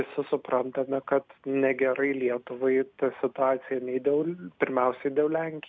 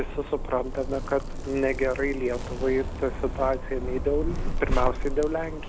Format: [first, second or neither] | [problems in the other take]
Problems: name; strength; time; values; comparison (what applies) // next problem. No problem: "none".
first | background sound (Zipper (clothing)); 2 dB below the speech